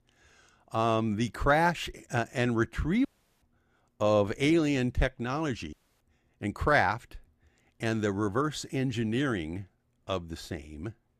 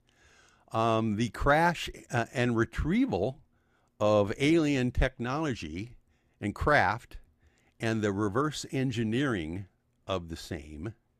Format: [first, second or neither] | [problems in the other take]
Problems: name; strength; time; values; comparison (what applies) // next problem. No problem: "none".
second | audio cutting out; at 3 s and at 5.5 s